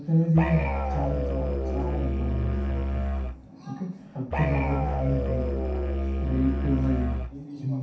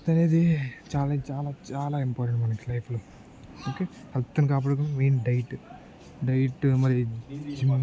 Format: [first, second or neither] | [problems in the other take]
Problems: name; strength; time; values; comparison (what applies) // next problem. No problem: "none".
second | background sound (Musical instrument); 1 dB above the speech // room echo; dies away in 0.7 s